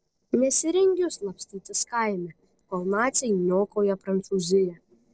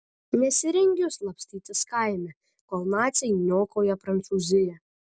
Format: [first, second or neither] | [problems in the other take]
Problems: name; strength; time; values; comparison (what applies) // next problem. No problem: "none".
second | noise reduction (neural separator model SepFormer DNS4)